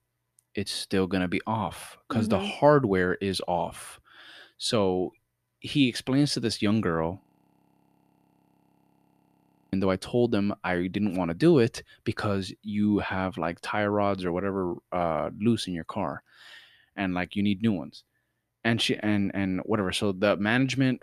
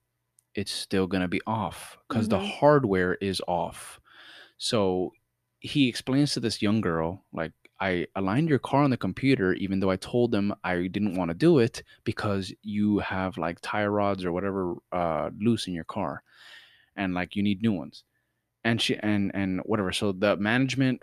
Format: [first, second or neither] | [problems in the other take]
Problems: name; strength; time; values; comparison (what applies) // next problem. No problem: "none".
second | audio freezing; at 7 s for 2.5 s